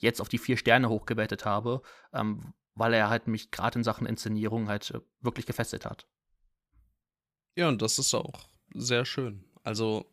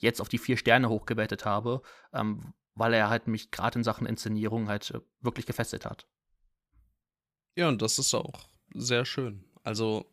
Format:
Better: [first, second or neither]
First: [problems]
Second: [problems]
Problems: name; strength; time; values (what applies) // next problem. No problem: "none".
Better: neither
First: none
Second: none